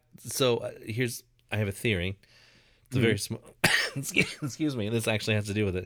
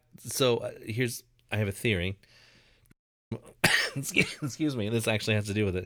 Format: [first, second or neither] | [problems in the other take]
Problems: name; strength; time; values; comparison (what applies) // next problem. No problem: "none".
first | audio cutting out; at 3 s